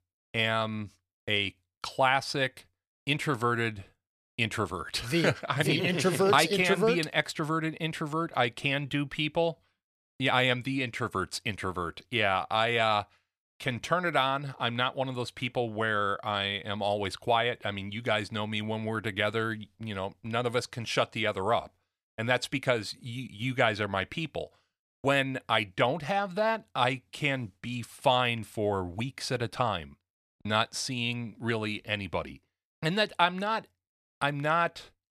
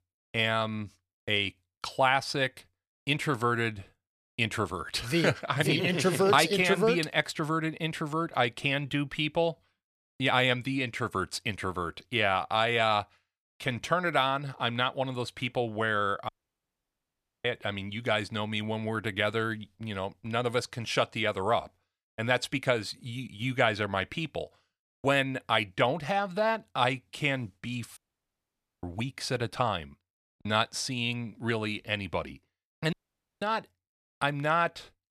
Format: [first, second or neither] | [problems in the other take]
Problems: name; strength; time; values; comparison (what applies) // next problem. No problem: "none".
first | audio cutting out; at 16 s for 1 s, at 28 s for 1 s and at 33 s